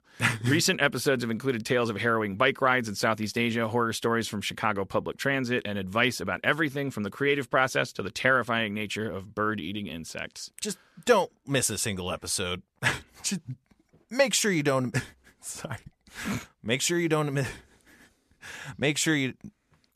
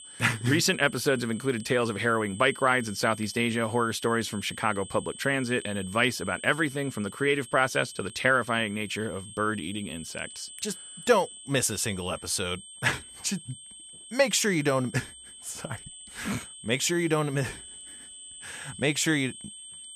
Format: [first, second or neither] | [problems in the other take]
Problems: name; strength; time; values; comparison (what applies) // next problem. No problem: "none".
first | high-pitched whine; noticeable; throughout; 8 kHz, 15 dB below the speech